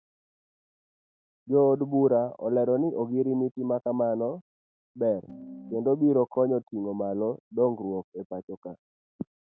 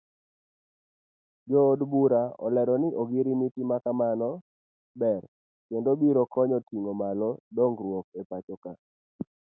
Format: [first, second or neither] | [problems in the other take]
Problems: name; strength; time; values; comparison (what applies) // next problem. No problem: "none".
second | background sound (Piano); 14 dB below the speech